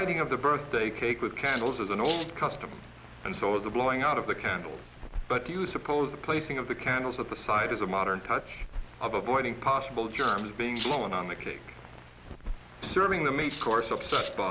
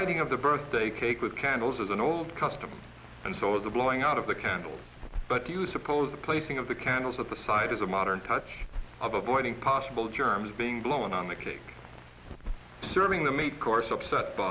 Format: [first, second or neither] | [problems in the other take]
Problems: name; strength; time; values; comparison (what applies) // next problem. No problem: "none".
second | background sound (Cutlery, silverware); 12 dB below the speech